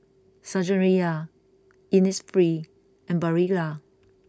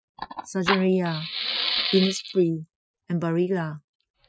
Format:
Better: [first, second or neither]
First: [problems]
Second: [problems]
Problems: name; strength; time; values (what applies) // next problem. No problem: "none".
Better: first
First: none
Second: noise reduction (classical method Wiener filter)